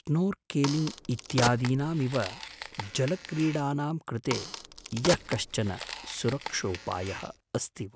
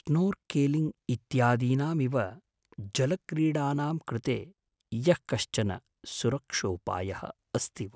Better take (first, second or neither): second